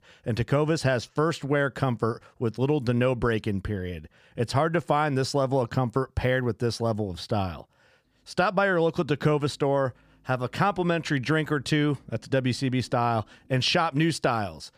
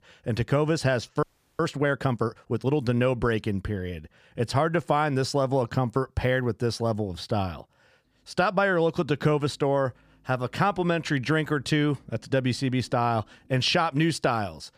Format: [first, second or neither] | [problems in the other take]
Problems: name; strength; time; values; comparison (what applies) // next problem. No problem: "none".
first | audio freezing; at 1 s